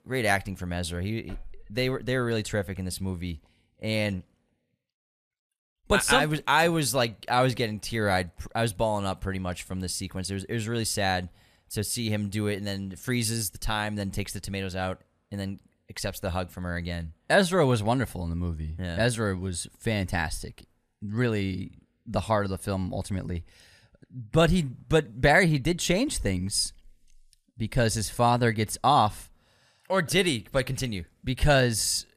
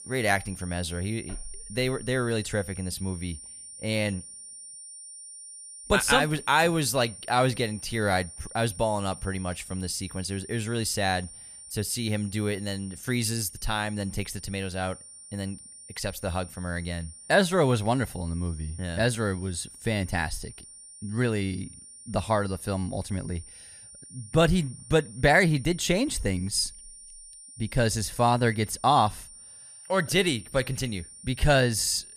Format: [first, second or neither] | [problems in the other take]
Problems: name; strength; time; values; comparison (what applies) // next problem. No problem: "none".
first | high-pitched whine; noticeable; throughout; 9 kHz, 15 dB below the speech